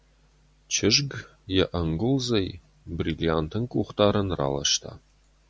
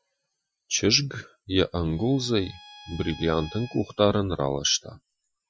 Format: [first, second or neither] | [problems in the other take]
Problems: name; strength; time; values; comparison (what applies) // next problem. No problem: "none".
first | noise reduction (classical method Wiener filter)